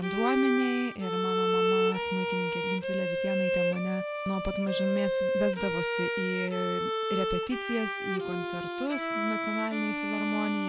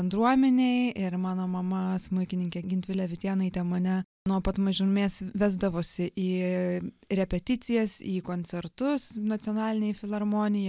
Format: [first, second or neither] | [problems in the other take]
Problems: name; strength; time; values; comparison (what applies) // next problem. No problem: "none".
second | background sound (Bowed string instrument); 2 dB above the speech